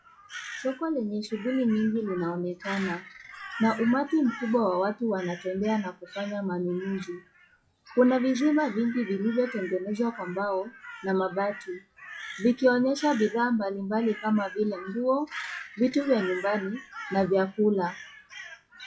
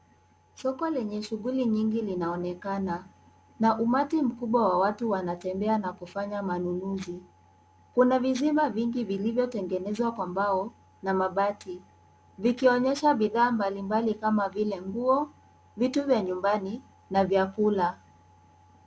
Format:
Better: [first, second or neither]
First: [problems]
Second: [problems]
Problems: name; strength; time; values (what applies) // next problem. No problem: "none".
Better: second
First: noise reduction (classical method WPE with log-MMSE)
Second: none